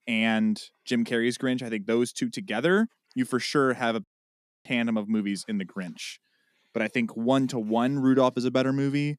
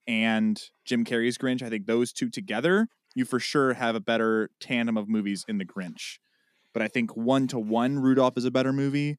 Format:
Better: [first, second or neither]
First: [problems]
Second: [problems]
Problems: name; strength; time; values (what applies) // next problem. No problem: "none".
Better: second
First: audio cutting out; at 4 s for 0.5 s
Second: none